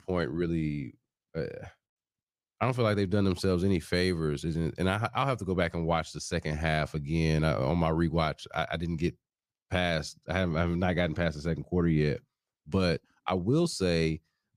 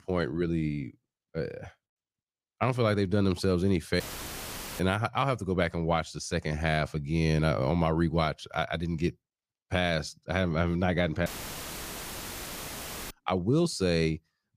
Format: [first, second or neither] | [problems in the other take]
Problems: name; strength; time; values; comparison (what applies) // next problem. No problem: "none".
first | audio cutting out; filled with static; at 4 s for 1 s and at 11 s for 2 s